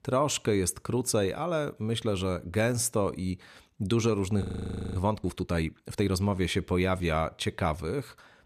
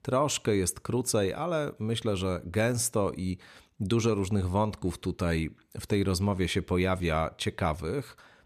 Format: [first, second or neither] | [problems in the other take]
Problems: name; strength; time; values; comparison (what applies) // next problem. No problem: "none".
second | audio freezing; at 4.5 s for 0.5 s